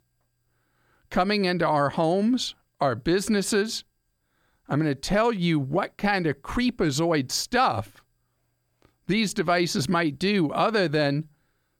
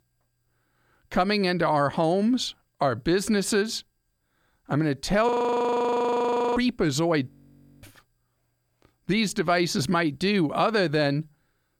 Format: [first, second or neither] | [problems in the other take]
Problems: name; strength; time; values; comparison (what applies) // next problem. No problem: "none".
first | audio freezing; at 5.5 s for 1.5 s and at 7.5 s for 0.5 s